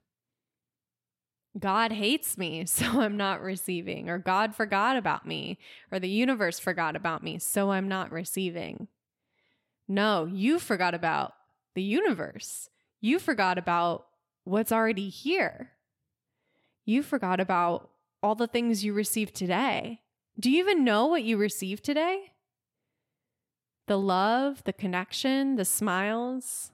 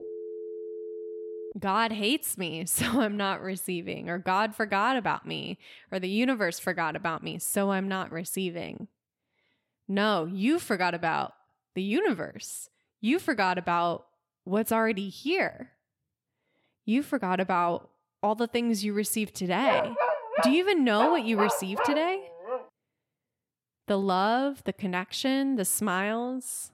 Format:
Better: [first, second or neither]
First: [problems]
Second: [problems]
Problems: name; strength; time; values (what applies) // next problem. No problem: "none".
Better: first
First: none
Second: phone ringing; faint; until 1.5 s; peak 10 dB below the speech // dog barking; loud; from 20 to 23 s; peak 2 dB above the speech